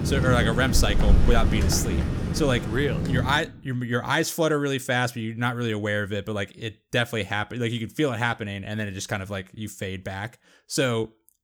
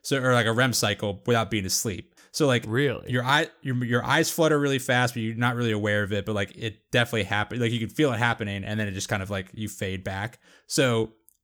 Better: second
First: rain or running water; very loud; until 3.5 s; 1 dB above the speech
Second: none

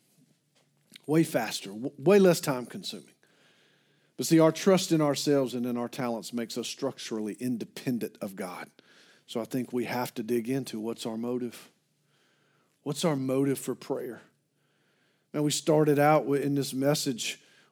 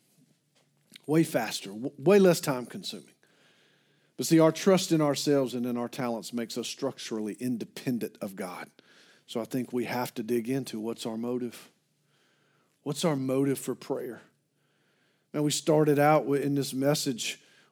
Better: neither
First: none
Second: none

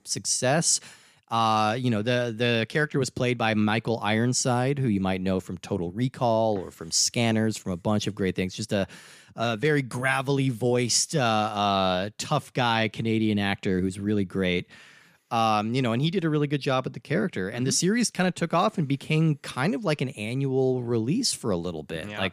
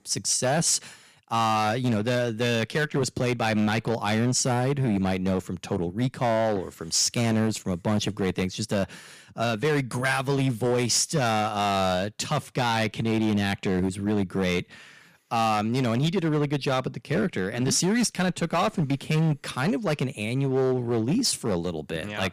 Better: first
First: none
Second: distortion; slight; 10% of the sound clipped

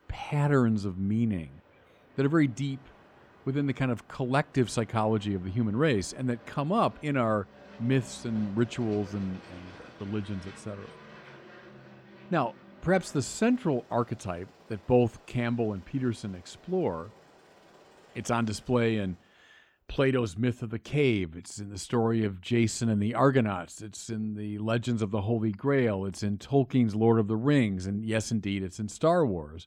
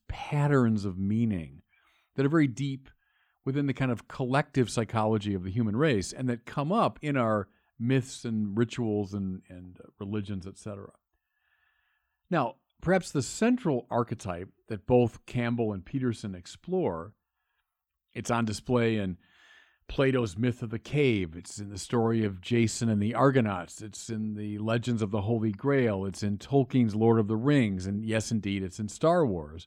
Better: second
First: train or aircraft noise; faint; until 19 s; 25 dB below the speech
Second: none

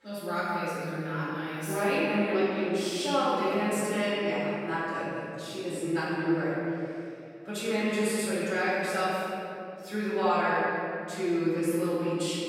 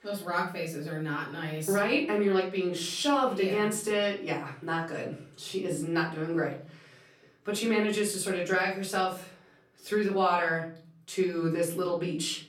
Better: second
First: room echo; strong; dies away in 2.6 s // off-mic speech; far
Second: room echo; slight; dies away in 0.5 s // off-mic speech; far

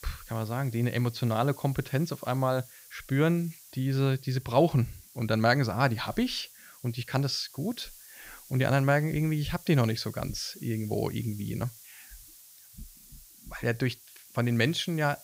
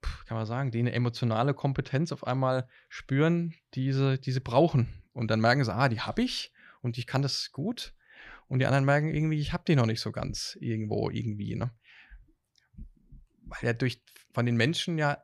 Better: second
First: hiss; noticeable; throughout; 20 dB below the speech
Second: none

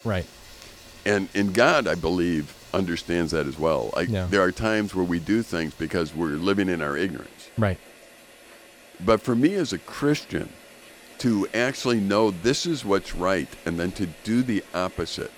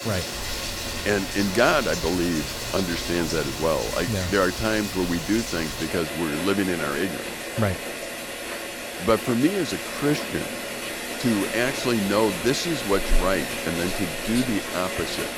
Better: first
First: rain or running water; faint; throughout; 20 dB below the speech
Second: rain or running water; loud; throughout; 4 dB below the speech

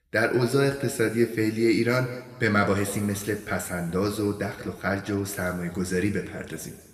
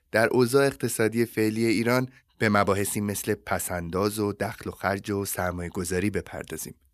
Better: second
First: room echo; slight; dies away in 1.5 s // off-mic speech; somewhat distant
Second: none

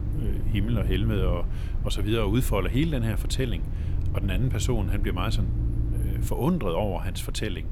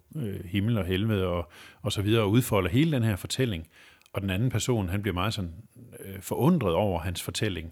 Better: second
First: low rumble; noticeable; throughout; 10 dB below the speech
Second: none

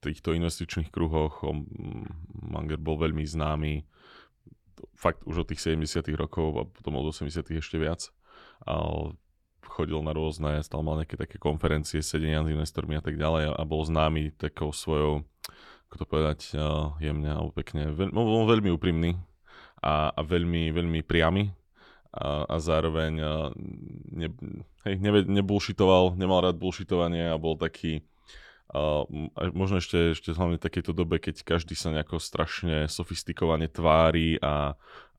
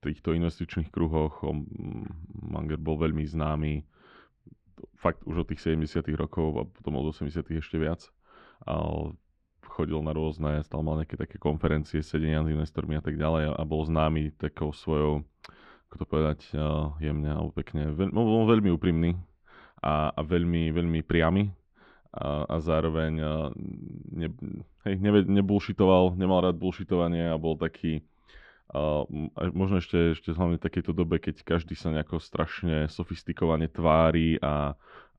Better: first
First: none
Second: muffled; slightly; fading above 2.5 kHz

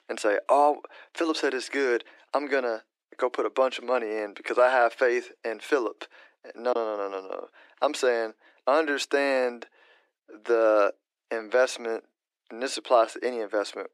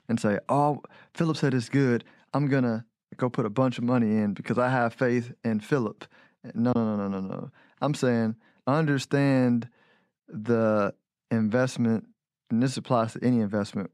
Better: second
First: thin; very; fading below 300 Hz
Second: none

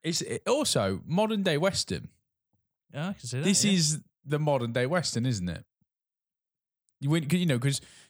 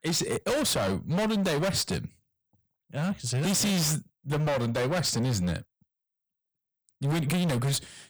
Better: first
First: none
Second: distortion; heavy; 25% of the sound clipped

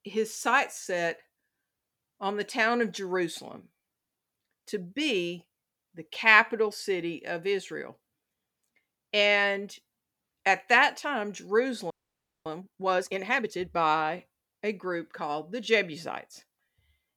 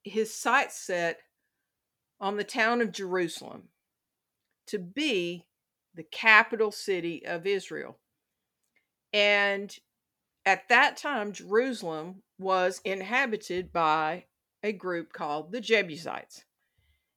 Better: second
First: audio freezing; at 12 s for 0.5 s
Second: none

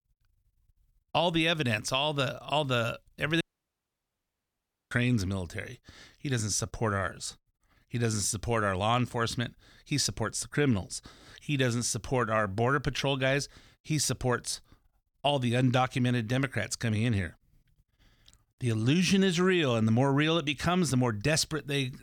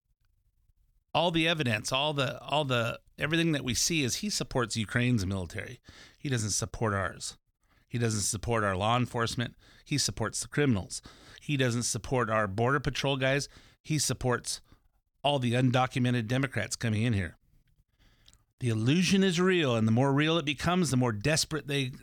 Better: second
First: audio cutting out; at 3.5 s for 1.5 s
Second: none

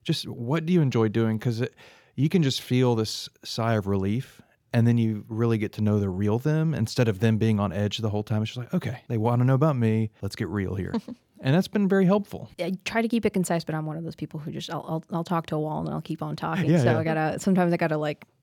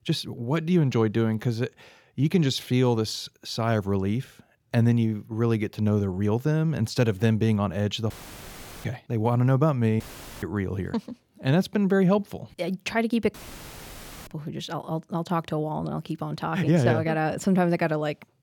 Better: first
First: none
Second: audio cutting out; filled with static; at 8 s for 0.5 s, at 10 s and at 13 s for 1 s

